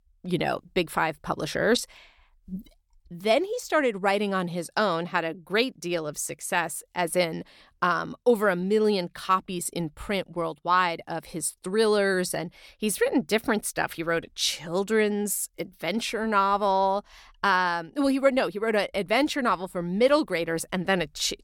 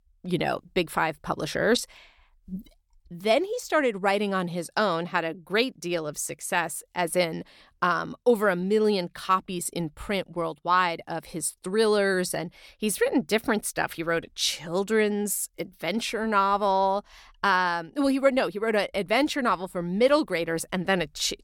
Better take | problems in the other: neither | none

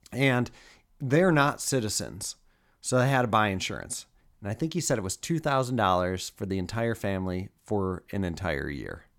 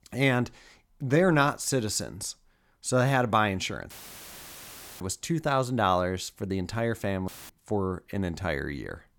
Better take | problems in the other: first | audio cutting out; filled with static; at 4 s for 1 s and at 7.5 s

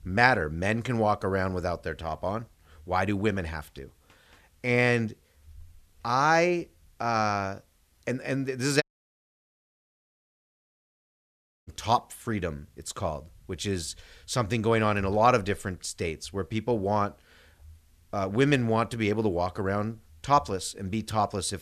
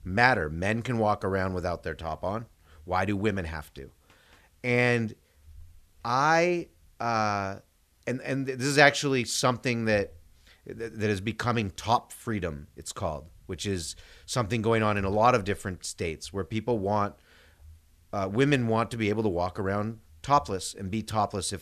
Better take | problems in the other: second | audio cutting out; at 9 s for 3 s

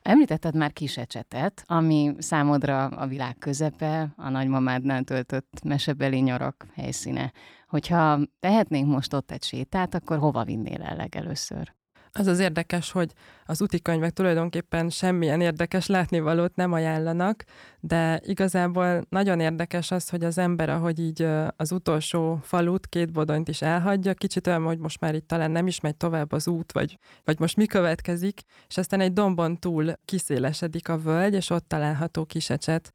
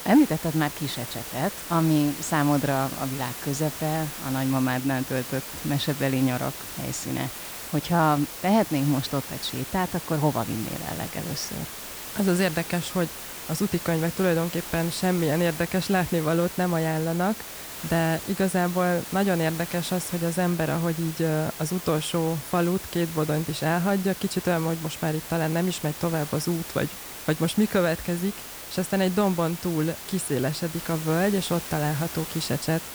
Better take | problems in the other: first | hiss; loud; throughout; 8 dB below the speech

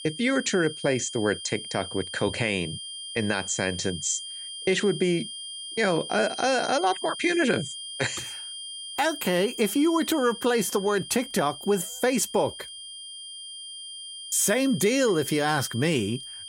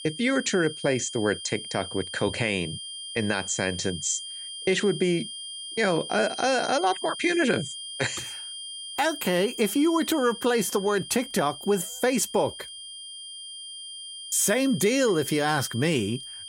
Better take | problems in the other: neither | high-pitched whine; noticeable; throughout; 3 kHz, 10 dB below the speech; the same in both

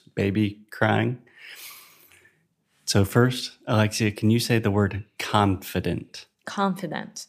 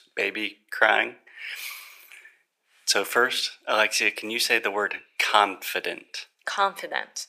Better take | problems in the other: first | thin; very; fading below 500 Hz

